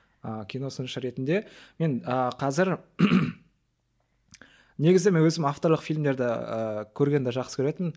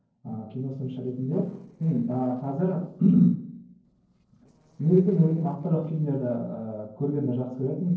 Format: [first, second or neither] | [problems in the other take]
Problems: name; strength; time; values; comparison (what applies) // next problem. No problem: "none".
first | noise reduction (neural separator model SepFormer DNS4)